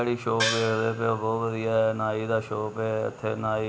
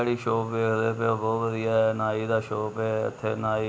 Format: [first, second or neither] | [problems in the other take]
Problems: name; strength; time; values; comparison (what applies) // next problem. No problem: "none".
second | background sound (Gong); 4 dB below the speech